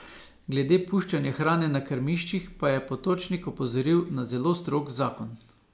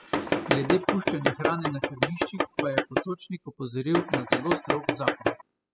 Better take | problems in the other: first | noise reduction (classical method spectral subtraction)

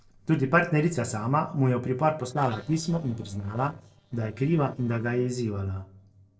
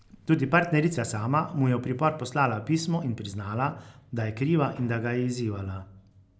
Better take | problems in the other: second | noise reduction (neural separator model SepFormer DNS4)

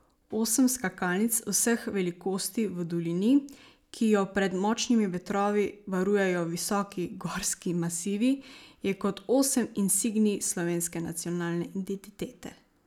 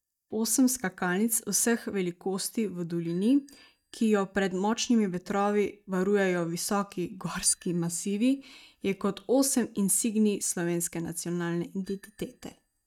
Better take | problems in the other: first | noise reduction (neural mask model DeepFilterNet 3)

